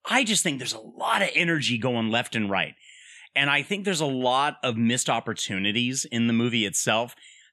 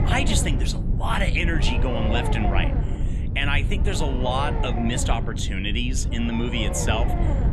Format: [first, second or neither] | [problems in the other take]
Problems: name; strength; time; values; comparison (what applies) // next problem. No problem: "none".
first | low rumble; loud; throughout; 7 dB below the speech